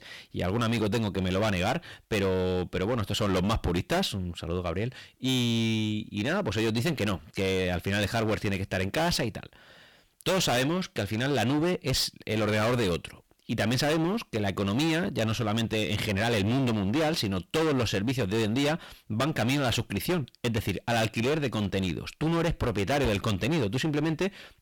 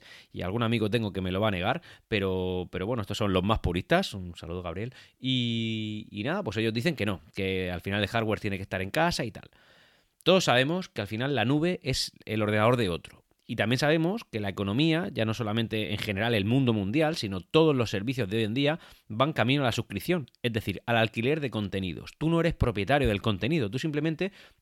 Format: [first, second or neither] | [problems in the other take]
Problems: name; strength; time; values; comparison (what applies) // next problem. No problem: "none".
second | distortion; heavy; 21% of the sound clipped